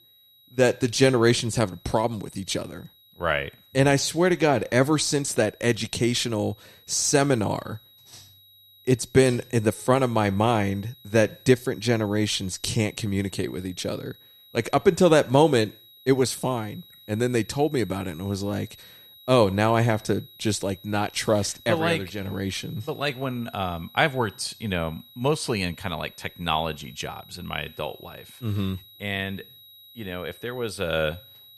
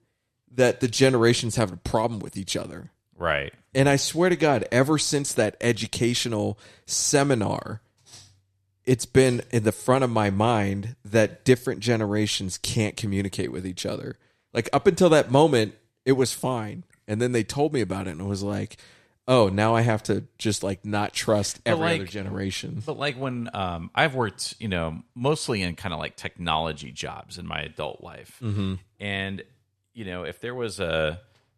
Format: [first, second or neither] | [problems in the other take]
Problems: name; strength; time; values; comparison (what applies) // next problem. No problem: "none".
second | high-pitched whine; faint; throughout; 4 kHz, 25 dB below the speech